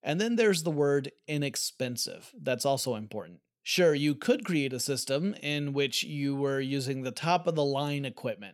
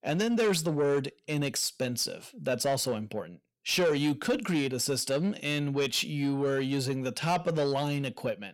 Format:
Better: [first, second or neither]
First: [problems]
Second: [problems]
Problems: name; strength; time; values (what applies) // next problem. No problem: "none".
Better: first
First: none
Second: distortion; slight; 10 dB below the speech